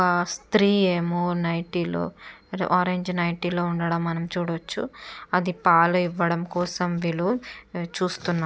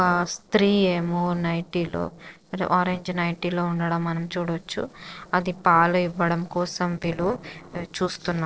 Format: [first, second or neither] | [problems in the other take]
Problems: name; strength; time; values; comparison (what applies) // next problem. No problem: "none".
first | noise reduction (neural separator model SepFormer DNS4)